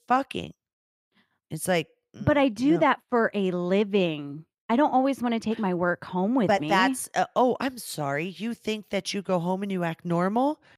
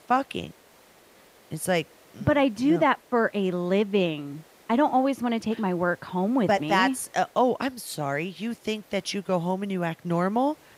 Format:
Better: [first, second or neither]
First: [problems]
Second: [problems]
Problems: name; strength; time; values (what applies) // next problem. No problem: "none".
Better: first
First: none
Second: hiss; faint; throughout; 30 dB below the speech